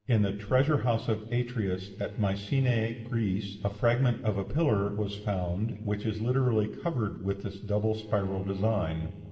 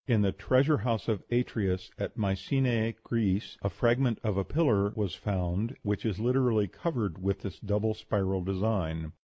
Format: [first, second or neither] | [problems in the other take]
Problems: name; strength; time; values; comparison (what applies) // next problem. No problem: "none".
second | noise reduction (neural separator model SepFormer DNS4)